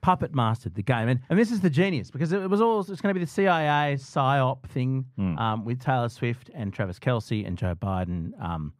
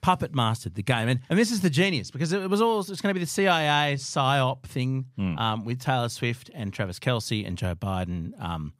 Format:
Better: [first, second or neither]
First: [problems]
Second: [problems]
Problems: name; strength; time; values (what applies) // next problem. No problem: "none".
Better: second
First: muffled; slightly; fading above 2.5 kHz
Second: none